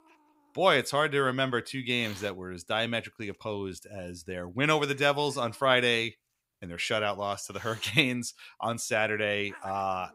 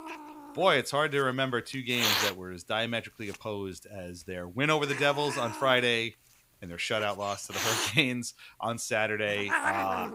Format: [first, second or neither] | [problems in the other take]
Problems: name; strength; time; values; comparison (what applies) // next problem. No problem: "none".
first | hiss; loud; throughout; 2 dB below the speech; faint in the first